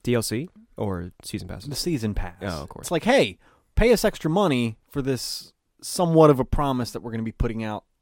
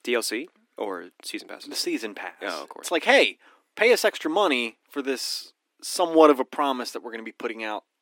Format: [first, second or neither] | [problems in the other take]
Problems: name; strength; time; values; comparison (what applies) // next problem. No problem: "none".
first | thin; somewhat; fading below 300 Hz